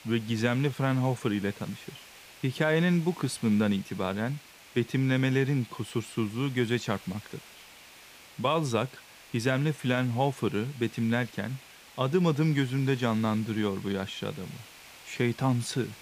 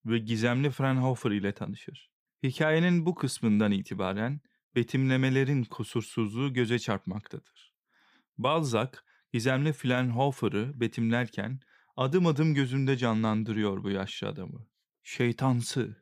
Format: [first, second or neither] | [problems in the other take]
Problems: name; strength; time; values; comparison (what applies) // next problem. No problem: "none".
second | hiss; noticeable; throughout; 20 dB below the speech